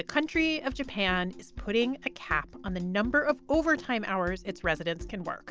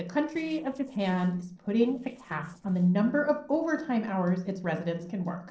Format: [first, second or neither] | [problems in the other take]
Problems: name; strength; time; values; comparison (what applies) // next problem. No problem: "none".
first | noise reduction (neural separator model SepFormer DNS4)